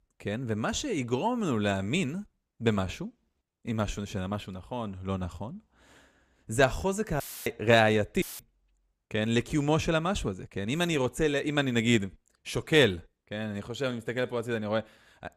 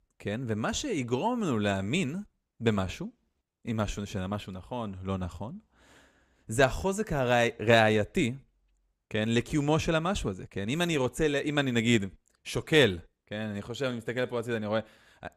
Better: second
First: audio cutting out; filled with static; at 7 s and at 8 s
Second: none

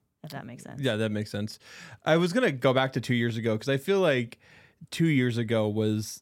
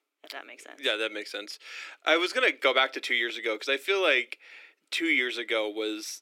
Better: first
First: none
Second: thin; very; fading below 300 Hz

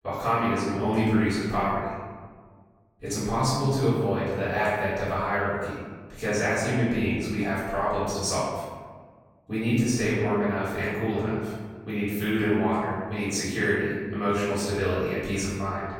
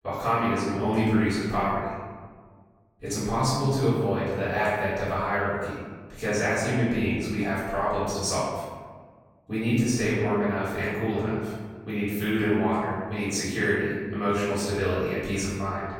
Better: neither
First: off-mic speech; far // room echo; strong; dies away in 1.4 s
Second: off-mic speech; far // room echo; strong; dies away in 1.4 s

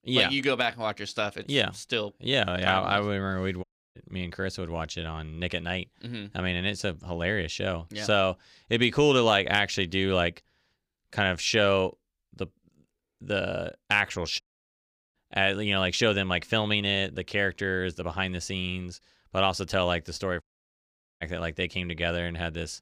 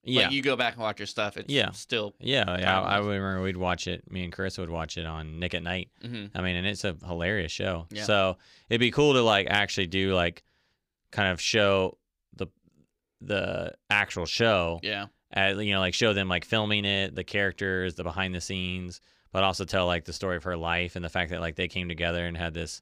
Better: second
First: audio cutting out; at 3.5 s, at 14 s for 0.5 s and at 20 s for 1 s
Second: none

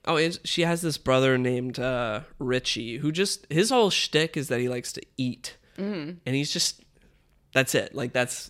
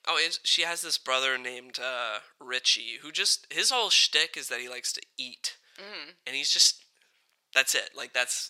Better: first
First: none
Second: thin; very; fading below 950 Hz

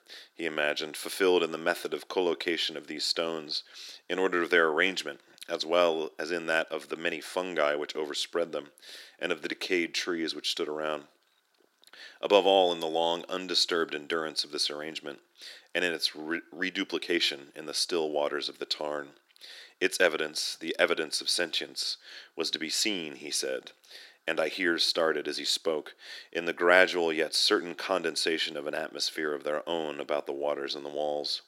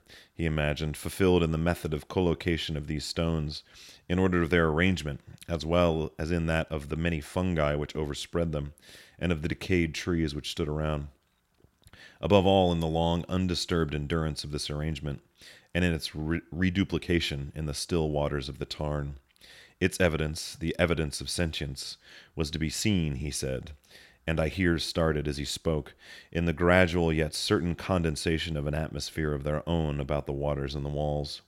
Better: second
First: thin; somewhat; fading below 300 Hz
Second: none

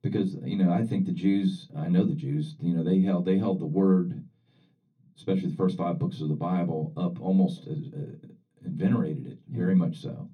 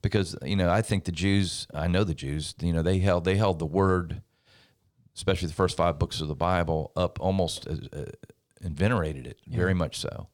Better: second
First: room echo; slight; dies away in 0.3 s // off-mic speech; far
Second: none

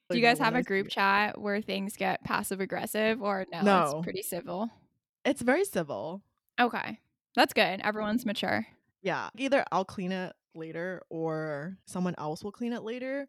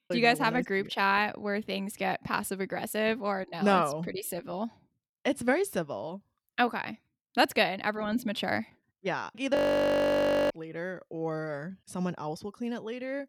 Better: first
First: none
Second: audio freezing; at 9.5 s for 1 s

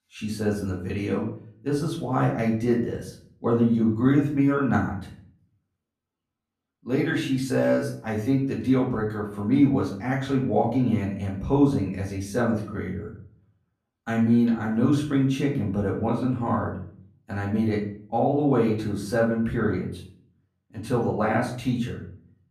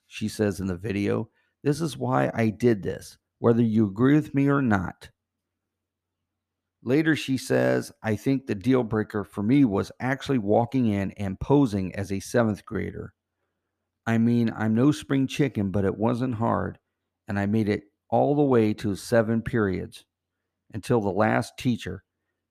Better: second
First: off-mic speech; far // room echo; slight; dies away in 0.5 s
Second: none

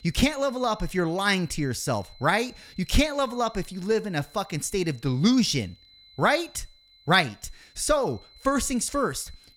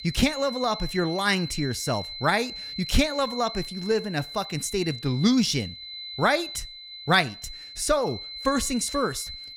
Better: first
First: high-pitched whine; faint; throughout; 4 kHz, 25 dB below the speech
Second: high-pitched whine; loud; throughout; 4 kHz, 10 dB below the speech

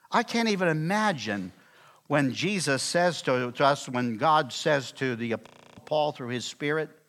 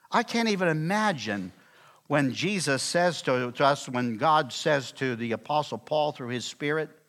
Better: second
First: audio freezing; at 5.5 s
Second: none

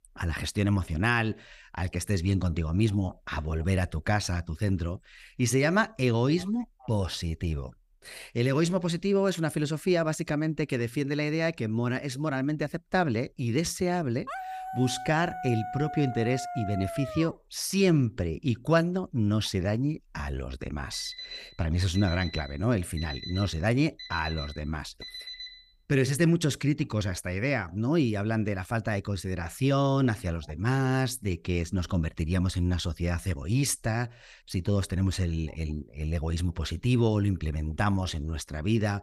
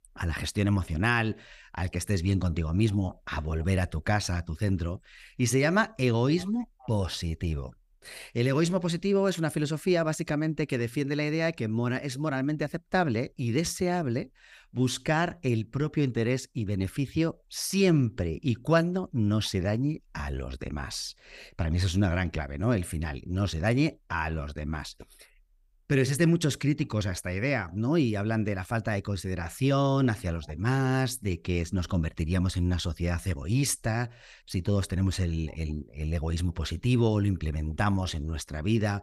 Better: second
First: dog barking; noticeable; from 14 to 17 s; peak 8 dB below the speech // alarm; noticeable; from 21 to 26 s; peak 10 dB below the speech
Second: none

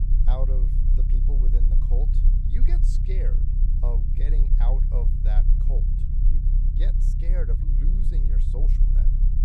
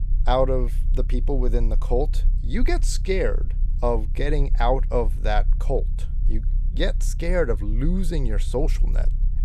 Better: second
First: low rumble; loud; throughout; 2 dB below the speech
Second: low rumble; faint; throughout; 20 dB below the speech

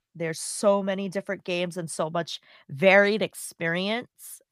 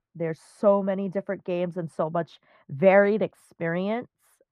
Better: first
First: none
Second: muffled; very; fading above 2.5 kHz

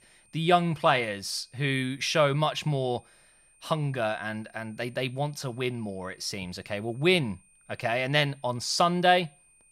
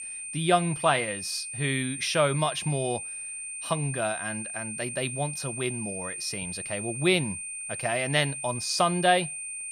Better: first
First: high-pitched whine; faint; throughout; 9 kHz, 30 dB below the speech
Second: high-pitched whine; loud; throughout; 9 kHz, 6 dB below the speech

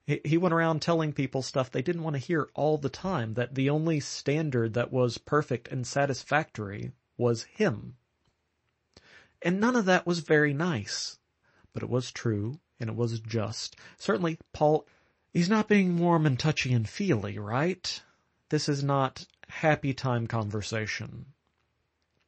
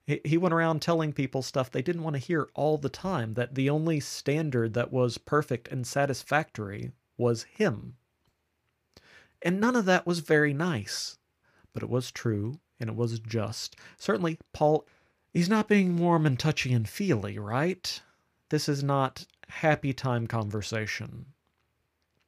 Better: second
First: garbled, watery; slightly; nothing above 8 kHz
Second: none

